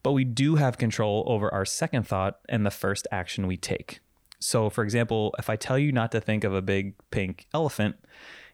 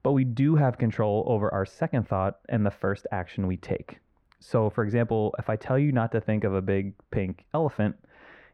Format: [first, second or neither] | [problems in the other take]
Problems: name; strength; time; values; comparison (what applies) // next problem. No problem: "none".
first | muffled; very; fading above 3.5 kHz